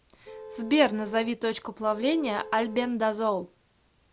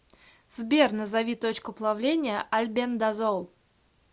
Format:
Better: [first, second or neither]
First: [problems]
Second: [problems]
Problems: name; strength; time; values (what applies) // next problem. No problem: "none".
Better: second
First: background sound (Vehicle horn, car horn, honking); 16 dB below the speech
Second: none